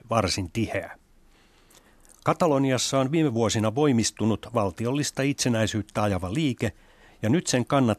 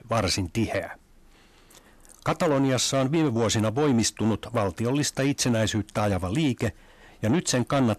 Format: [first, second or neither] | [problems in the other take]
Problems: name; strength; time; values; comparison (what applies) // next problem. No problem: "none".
first | distortion; slight; 10 dB below the speech